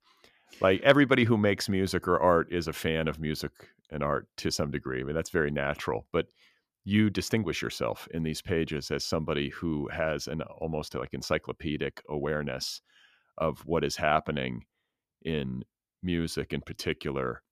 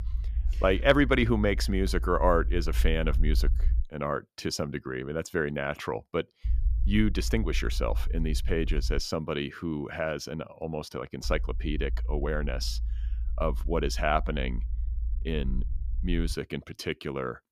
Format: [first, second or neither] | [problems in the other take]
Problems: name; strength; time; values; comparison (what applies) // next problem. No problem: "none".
first | low rumble; faint; until 4 s, from 6.5 to 9 s and from 11 to 16 s; 25 dB below the speech